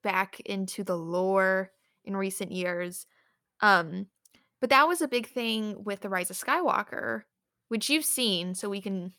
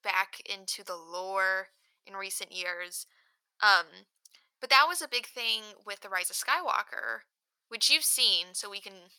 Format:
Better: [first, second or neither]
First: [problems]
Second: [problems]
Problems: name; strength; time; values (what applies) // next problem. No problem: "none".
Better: first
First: none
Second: thin; very; fading below 900 Hz